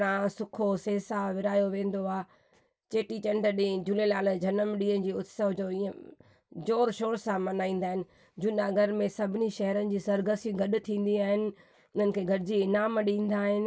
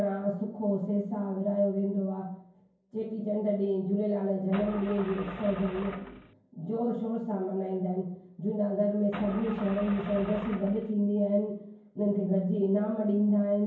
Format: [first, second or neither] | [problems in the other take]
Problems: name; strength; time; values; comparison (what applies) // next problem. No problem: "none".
first | background sound (Engine starting / Car); 12 dB below the speech // room echo; dies away in 0.9 s